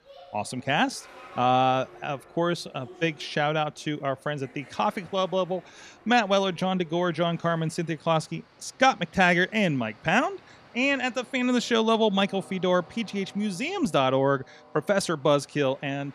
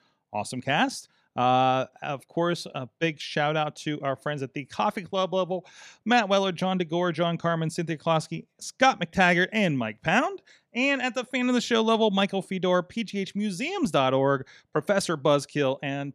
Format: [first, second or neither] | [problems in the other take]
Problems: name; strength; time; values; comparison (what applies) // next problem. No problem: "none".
second | train or aircraft noise; faint; throughout; 25 dB below the speech